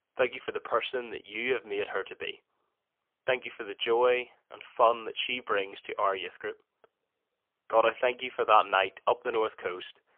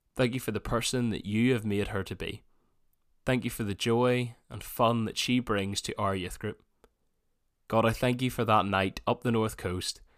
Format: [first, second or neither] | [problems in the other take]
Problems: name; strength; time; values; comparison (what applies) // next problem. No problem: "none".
second | phone-call audio; poor line; nothing above 3.5 kHz